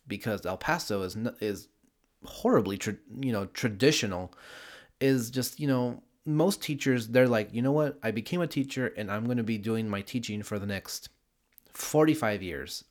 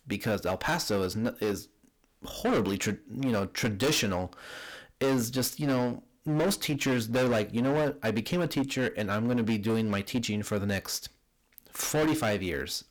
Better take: first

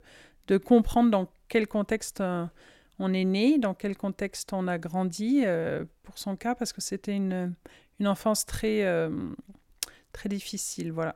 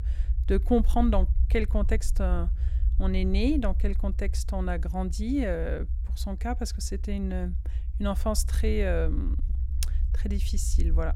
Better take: first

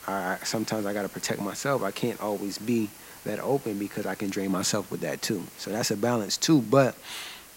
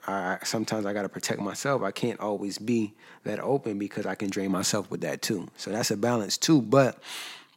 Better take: second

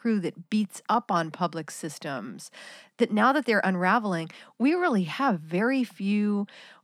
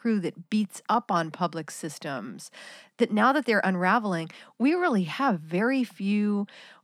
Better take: neither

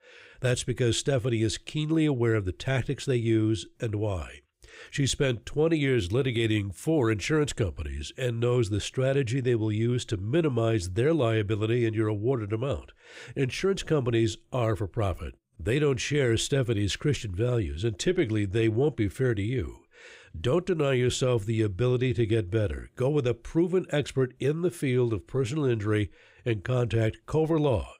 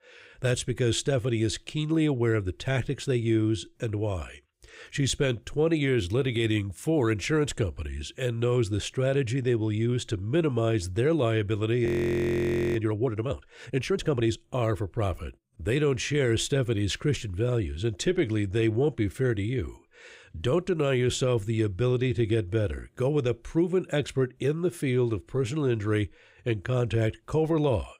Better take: first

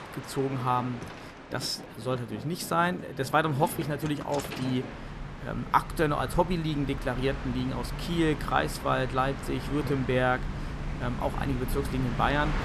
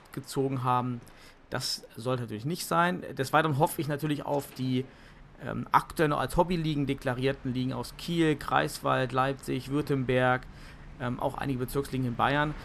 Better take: second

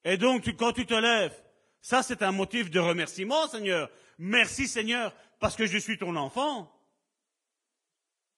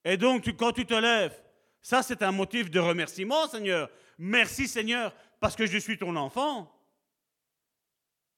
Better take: second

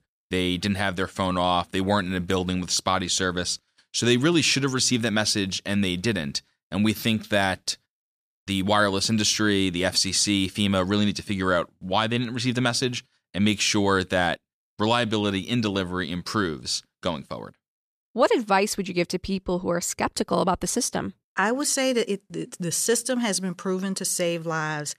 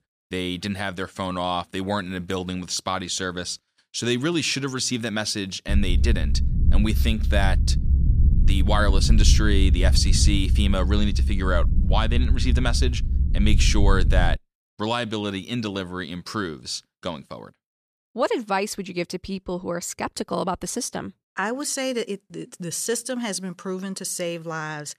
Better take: first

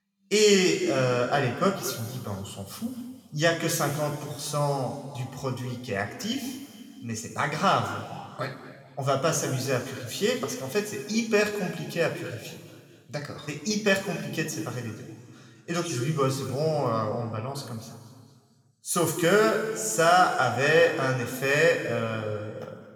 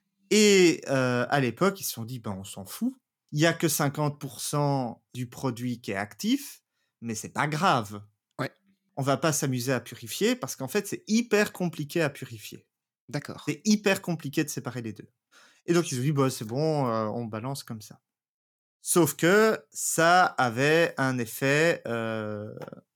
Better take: second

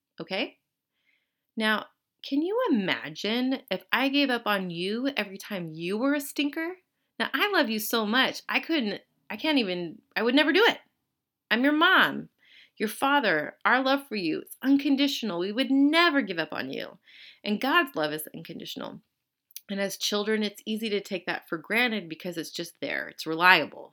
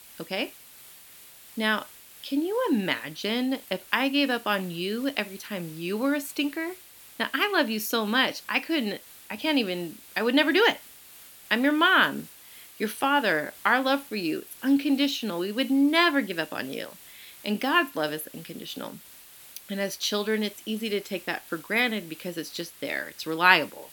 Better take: first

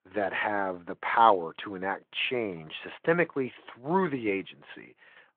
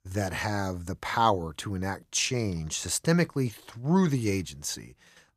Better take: second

